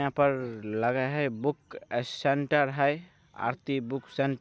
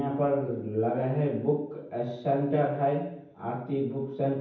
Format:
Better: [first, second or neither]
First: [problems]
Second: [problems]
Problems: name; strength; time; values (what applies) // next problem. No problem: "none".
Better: first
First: none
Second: room echo; dies away in 0.9 s